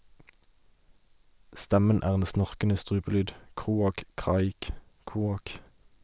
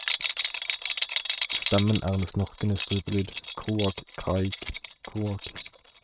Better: first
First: none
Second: noise reduction (neural mask model RNNoise)

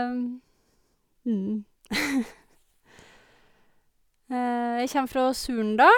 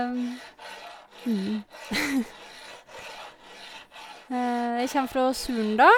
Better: first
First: none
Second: background sound (Tools); 18 dB below the speech

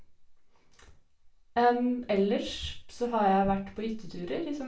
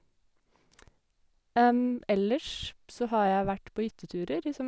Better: second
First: room echo; dies away in 0.3 s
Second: none

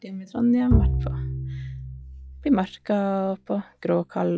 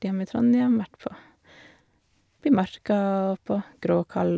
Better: second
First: noise reduction (classical method log-MMSE)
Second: none

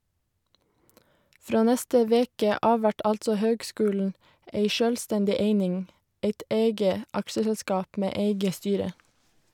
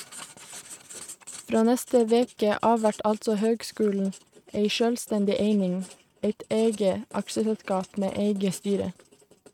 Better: first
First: none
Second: noise reduction (neural mask model RNNoise)

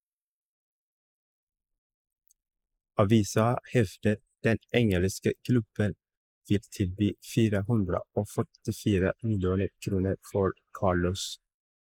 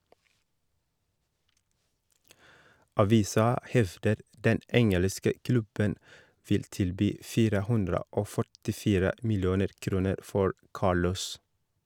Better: second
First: noise reduction (neural mask model Resemble Enhance denoiser)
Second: none

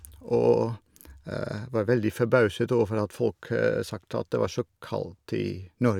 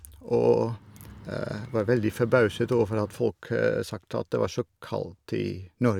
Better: first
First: none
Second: background sound (Bird); 20 dB below the speech

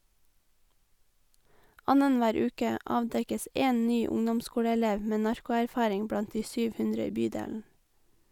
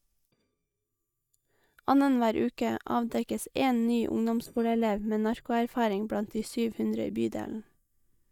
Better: first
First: none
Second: noise reduction (neural mask model DeepFilterNet 3)

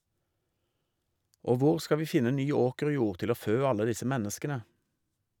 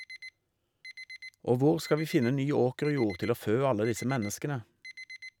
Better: first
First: none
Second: background sound (Alarm); 18 dB below the speech

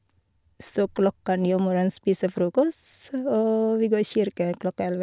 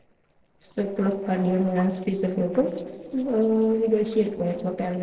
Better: first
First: none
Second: noise reduction (neural separator model SepFormer DNS4)

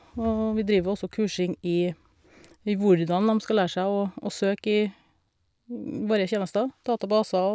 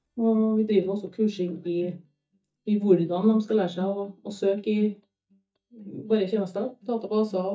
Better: first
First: none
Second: noise reduction (neural mask model DeepFilterNet 3)

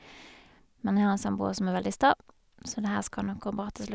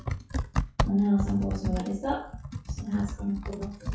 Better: first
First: none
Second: noise reduction (classical method WPE with log-MMSE)

